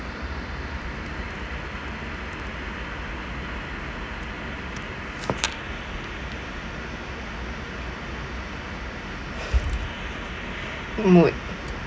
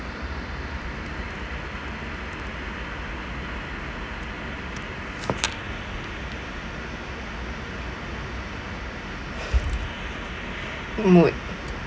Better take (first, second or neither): first